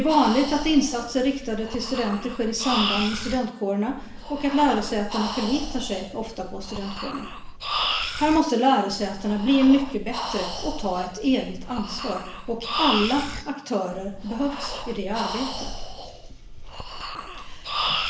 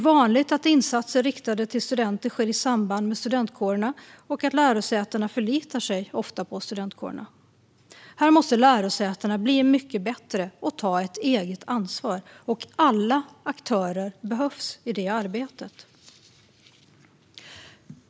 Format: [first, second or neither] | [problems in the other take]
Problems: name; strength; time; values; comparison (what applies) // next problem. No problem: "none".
second | background sound (Breathing); 6 dB below the speech // room echo; dies away in 0.8 s